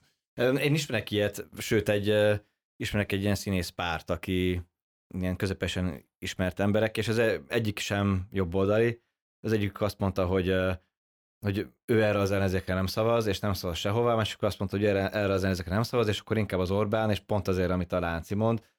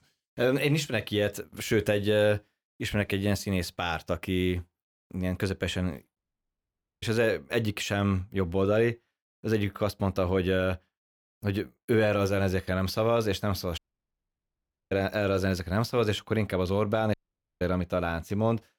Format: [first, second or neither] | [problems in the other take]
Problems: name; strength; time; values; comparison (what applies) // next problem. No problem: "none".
first | audio cutting out; at 6 s for 1 s, at 14 s for 1 s and at 17 s